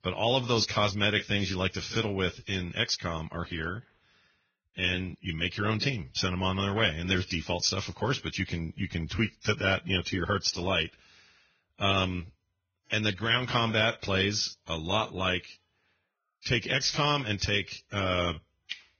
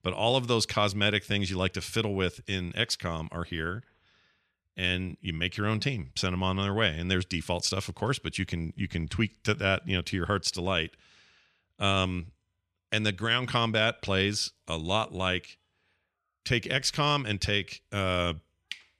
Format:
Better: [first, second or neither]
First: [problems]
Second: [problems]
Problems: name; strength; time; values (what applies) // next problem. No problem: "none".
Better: second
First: garbled, watery; badly; nothing above 6.5 kHz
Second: none